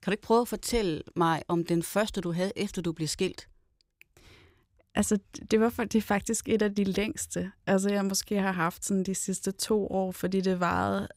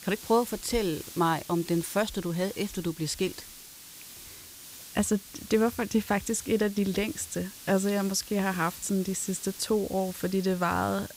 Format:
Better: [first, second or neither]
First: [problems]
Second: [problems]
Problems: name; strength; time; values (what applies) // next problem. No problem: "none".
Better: first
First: none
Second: hiss; noticeable; throughout; 15 dB below the speech